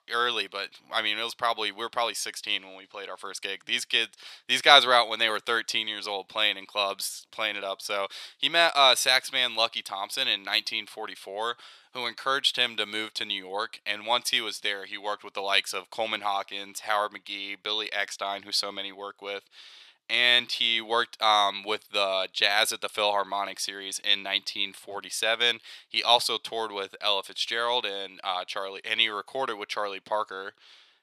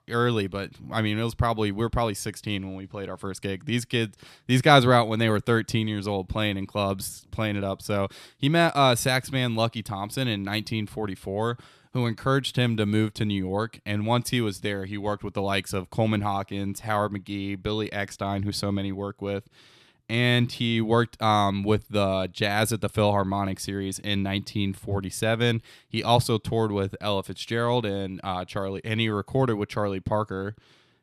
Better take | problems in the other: second | thin; very; fading below 700 Hz

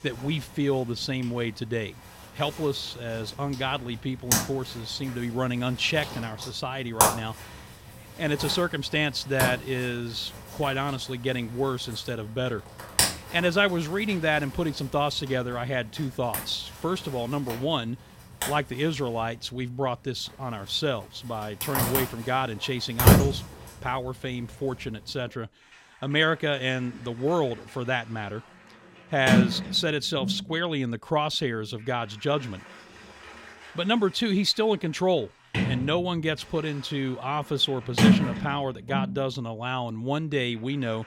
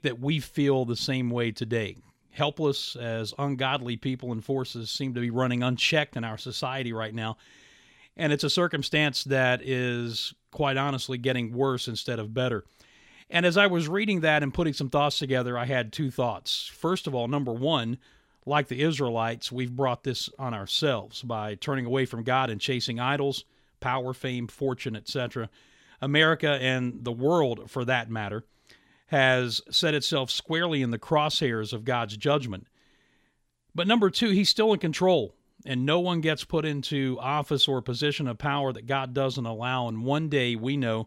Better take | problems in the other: second | household noises; very loud; throughout; 2 dB above the speech

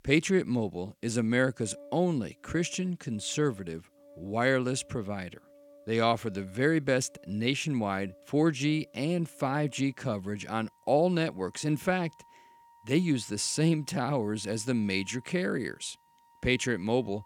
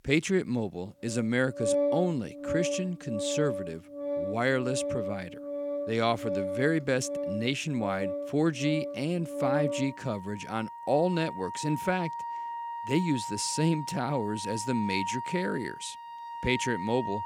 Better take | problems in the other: first | background music; loud; throughout; 5 dB below the speech; faint in the first

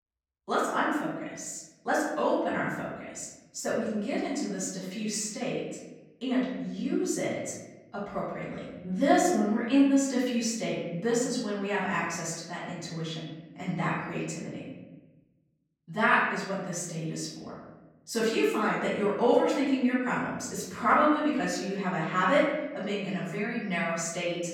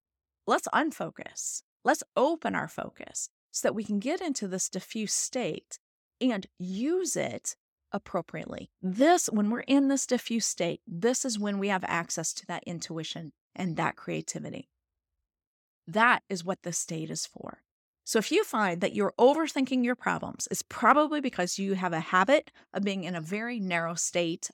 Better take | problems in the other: second | off-mic speech; far // room echo; noticeable; dies away in 1 s

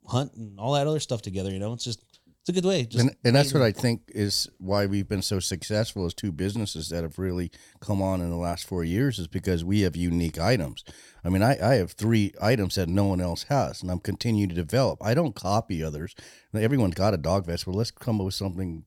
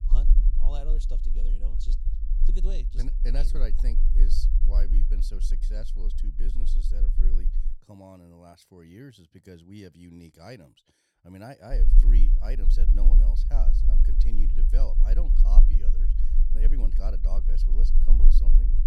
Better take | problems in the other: first | low rumble; loud; until 7.5 s and from 12 s on; 5 dB below the speech

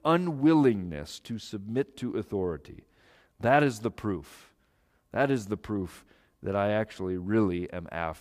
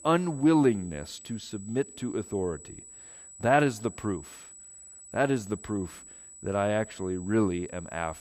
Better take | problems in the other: first | high-pitched whine; noticeable; throughout; 8 kHz, 15 dB below the speech

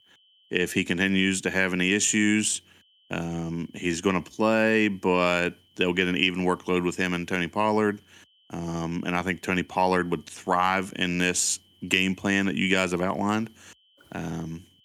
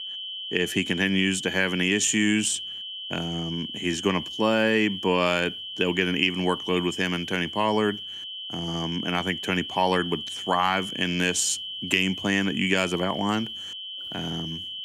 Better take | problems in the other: first | high-pitched whine; loud; throughout; 3 kHz, 8 dB below the speech; faint in the first

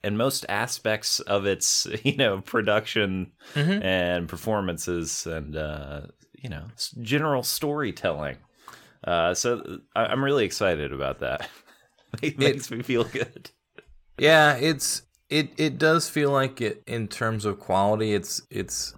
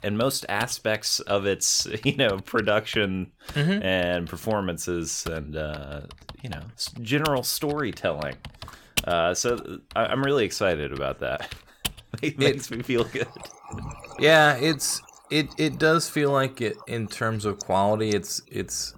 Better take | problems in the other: first | household noises; noticeable; throughout; 15 dB below the speech

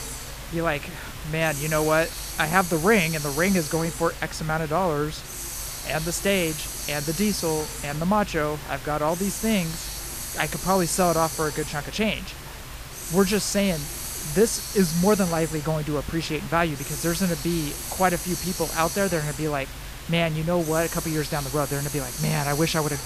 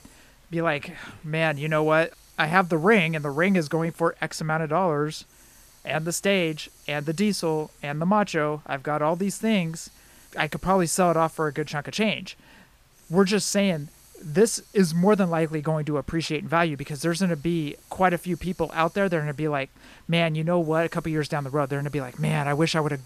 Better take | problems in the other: second | hiss; loud; throughout; 7 dB below the speech; faint in the second

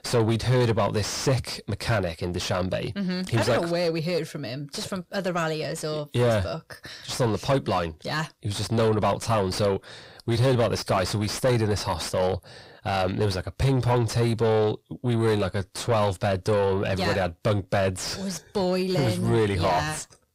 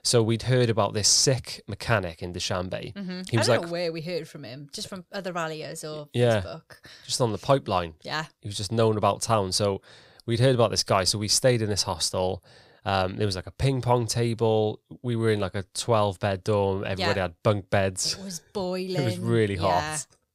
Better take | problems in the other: second | distortion; heavy; 5 dB below the speech

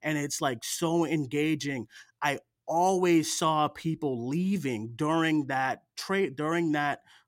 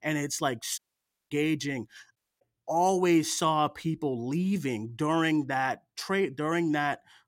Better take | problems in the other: first | audio cutting out; at 1 s for 0.5 s and at 2 s

